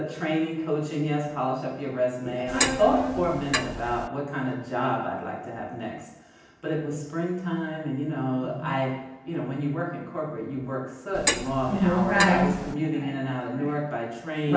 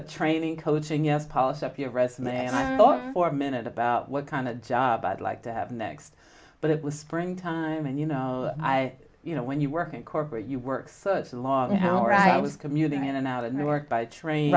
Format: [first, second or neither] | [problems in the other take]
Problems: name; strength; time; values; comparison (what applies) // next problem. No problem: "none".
second | background sound (Clock); 3 dB below the speech // room echo; dies away in 0.9 s